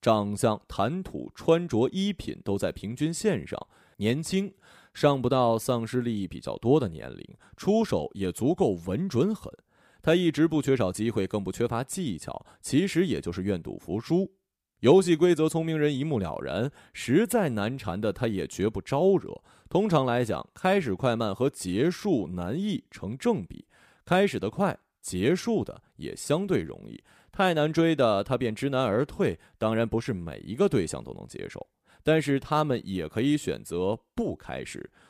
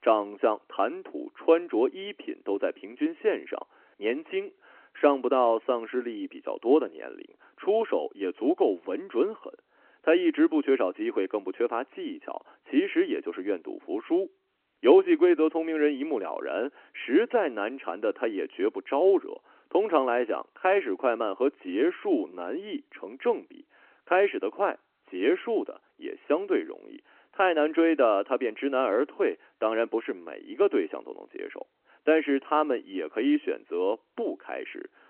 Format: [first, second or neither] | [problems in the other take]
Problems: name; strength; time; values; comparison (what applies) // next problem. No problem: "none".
first | phone-call audio